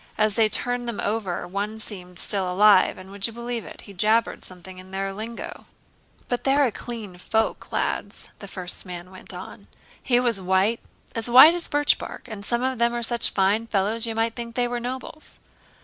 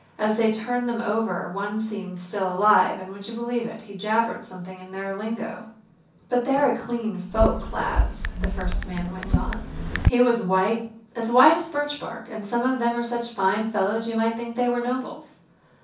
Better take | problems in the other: first | background sound (Chatter / Chirp, tweet / Car passing by / Typing); 1 dB below the speech // room echo; dies away in 0.6 s

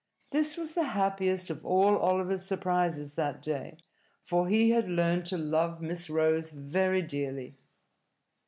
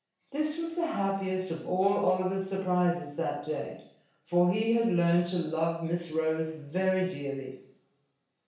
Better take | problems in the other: first | room echo; dies away in 0.7 s

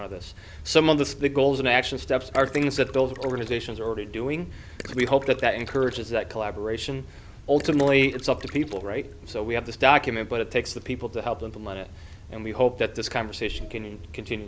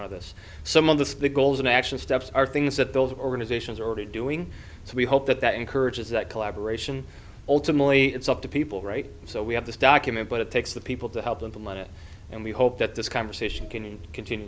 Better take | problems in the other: second | background sound (Gurgling); 18 dB below the speech

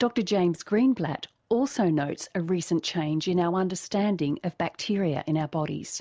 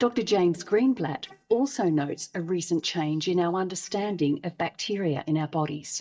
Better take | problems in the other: first | noise reduction (neural mask model DeepFilterNet 3)

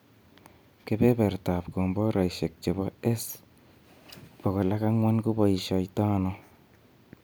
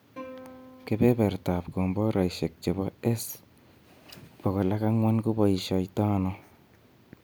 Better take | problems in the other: first | background sound (Plucked string instrument); 20 dB below the speech

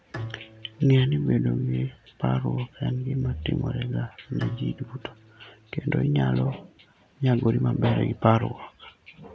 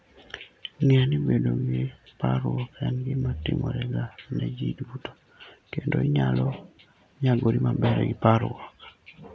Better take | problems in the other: second | background sound (Bowed string instrument); 19 dB below the speech

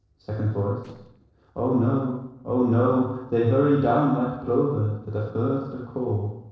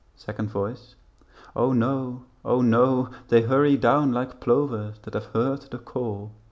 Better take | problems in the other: second | noise reduction (neural separator model SepFormer DNS4)

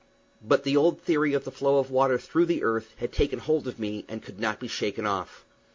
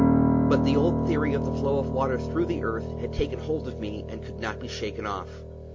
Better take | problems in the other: first | background sound (Piano); 3 dB above the speech

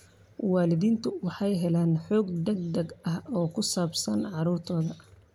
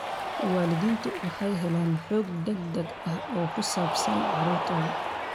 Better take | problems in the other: first | background sound (Cheering); 3 dB below the speech

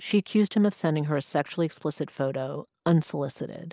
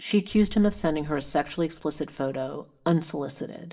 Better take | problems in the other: first | background sound (Boom); 16 dB below the speech // room echo; dies away in 0.5 s

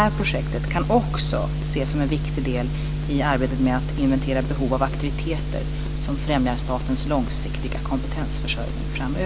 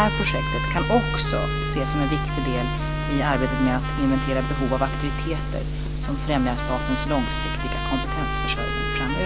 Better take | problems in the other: first | background sound (Trumpet); 7 dB below the speech

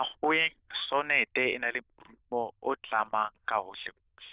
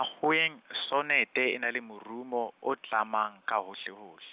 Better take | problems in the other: second | noise reduction (neural diffusion model UNIVERSE++)

